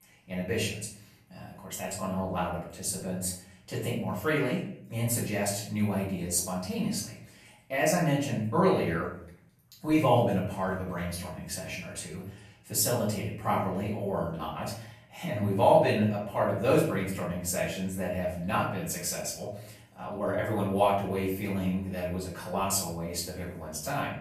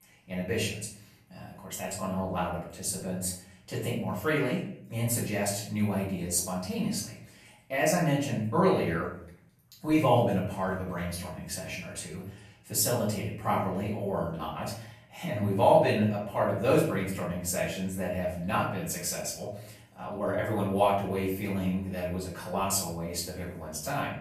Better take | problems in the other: neither | off-mic speech; far; the same in both // room echo; noticeable; dies away in 0.5 s; the same in both

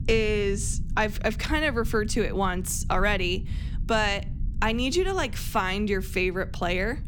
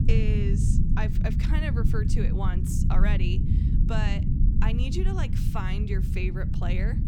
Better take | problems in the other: first | low rumble; loud; throughout; 3 dB below the speech; faint in the first

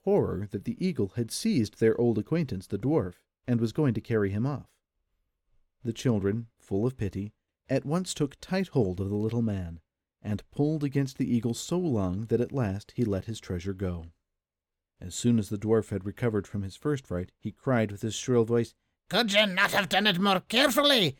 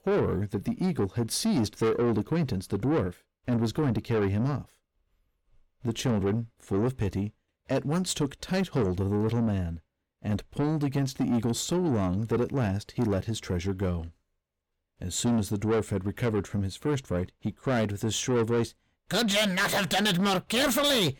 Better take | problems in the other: first | distortion; heavy; 8 dB below the speech

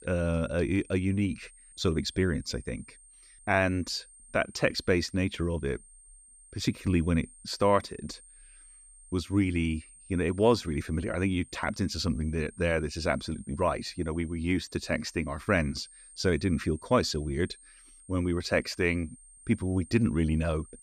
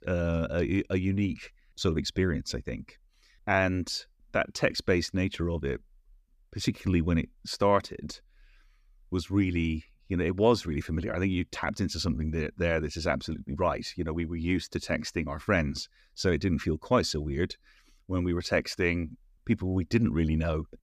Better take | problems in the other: second | high-pitched whine; faint; throughout; 8.5 kHz, 20 dB below the speech

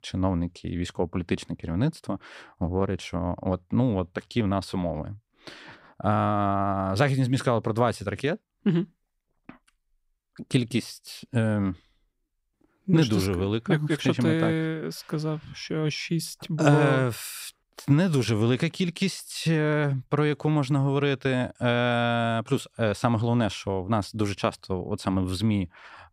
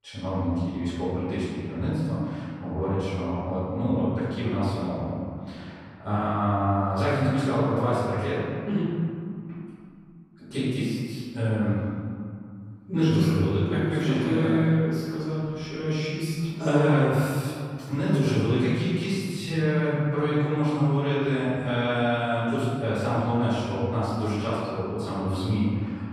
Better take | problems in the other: first | off-mic speech; far // room echo; strong; dies away in 2.2 s

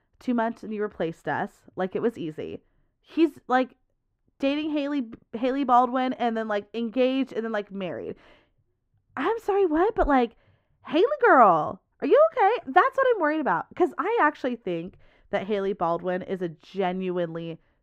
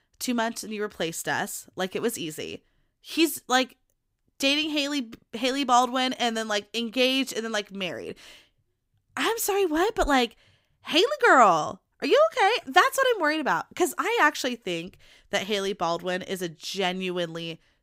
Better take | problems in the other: second | muffled; very; fading above 3 kHz

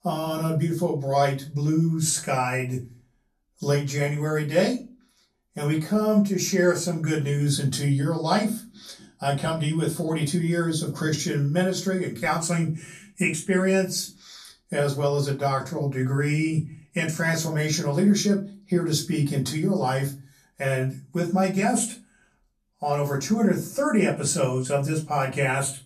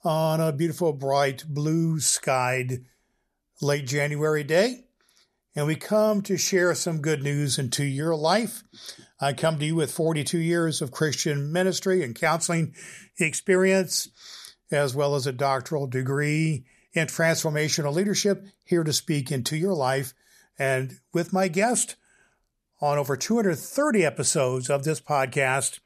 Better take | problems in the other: second | off-mic speech; far // room echo; very slight; dies away in 0.3 s

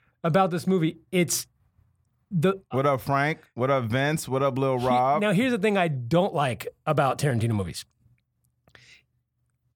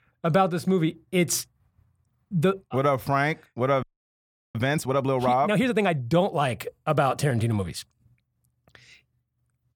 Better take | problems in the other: first | audio freezing; at 4 s for 0.5 s

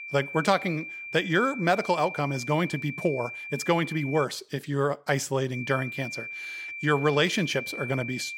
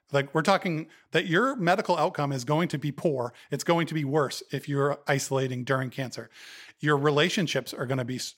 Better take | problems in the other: second | high-pitched whine; loud; until 4 s and from 5.5 s on; 2.5 kHz, 9 dB below the speech

